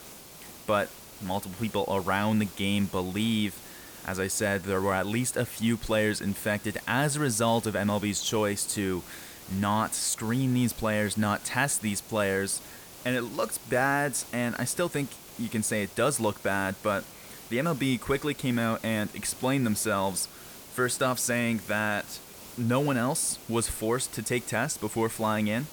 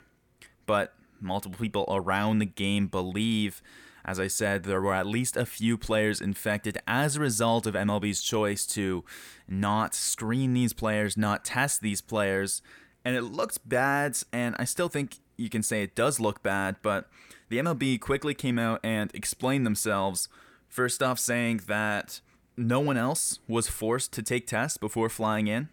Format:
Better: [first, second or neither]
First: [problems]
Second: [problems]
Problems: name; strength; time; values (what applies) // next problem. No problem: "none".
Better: second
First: hiss; noticeable; throughout; 15 dB below the speech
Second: none